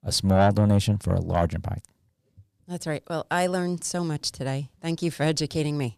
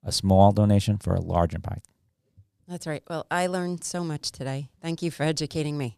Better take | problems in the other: second | distortion; slight; 10 dB below the speech

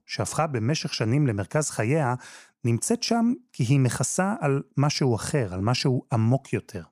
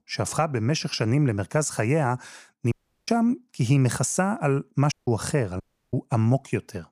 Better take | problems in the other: first | audio cutting out; at 2.5 s, at 5 s and at 5.5 s

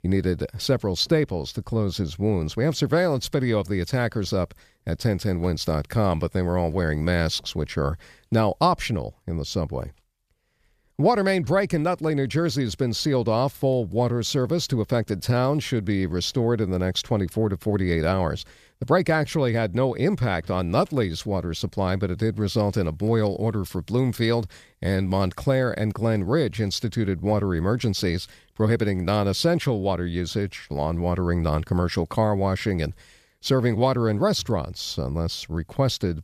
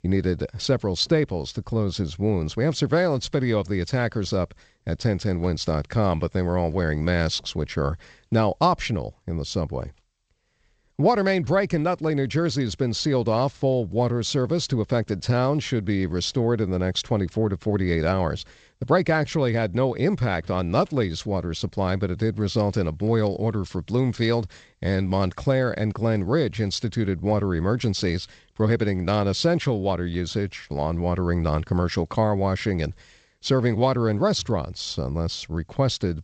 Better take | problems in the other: first | garbled, watery; slightly; nothing above 7.5 kHz

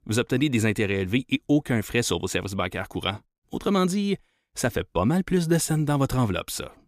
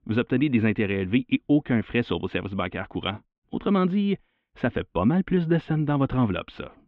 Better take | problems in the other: first | muffled; very; fading above 3 kHz

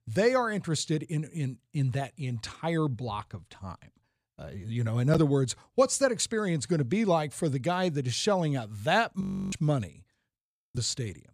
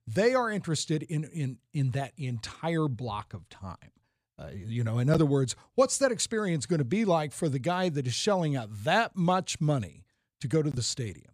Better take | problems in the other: second | audio freezing; at 9 s and at 10 s

